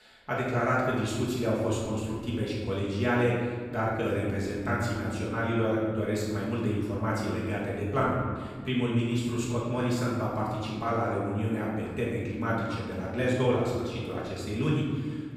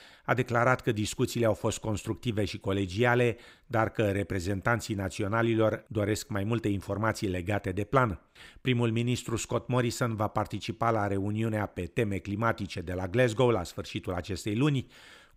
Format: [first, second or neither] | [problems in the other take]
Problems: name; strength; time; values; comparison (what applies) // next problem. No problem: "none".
second | room echo; noticeable; dies away in 1.7 s // off-mic speech; far